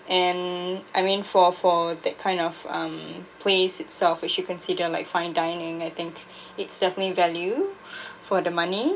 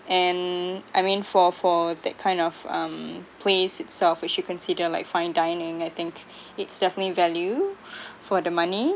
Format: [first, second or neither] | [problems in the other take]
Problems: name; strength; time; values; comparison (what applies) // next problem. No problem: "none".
second | room echo; dies away in 0.2 s